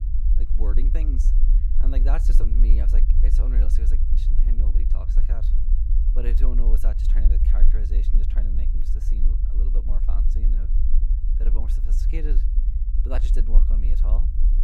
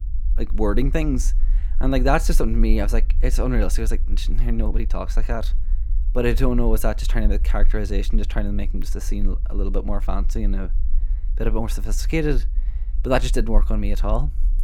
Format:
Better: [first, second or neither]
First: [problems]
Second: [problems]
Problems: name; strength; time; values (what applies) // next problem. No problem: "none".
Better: second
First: low rumble; loud; throughout; 4 dB below the speech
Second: low rumble; faint; throughout; 20 dB below the speech